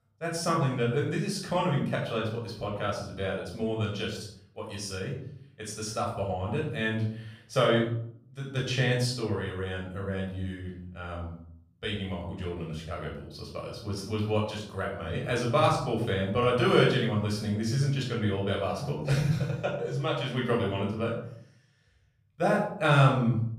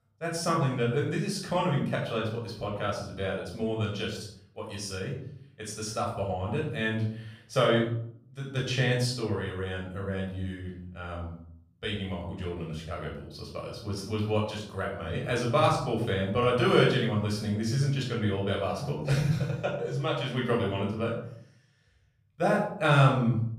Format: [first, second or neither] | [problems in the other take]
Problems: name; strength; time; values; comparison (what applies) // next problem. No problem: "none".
neither | off-mic speech; far; the same in both // room echo; noticeable; dies away in 0.6 s; the same in both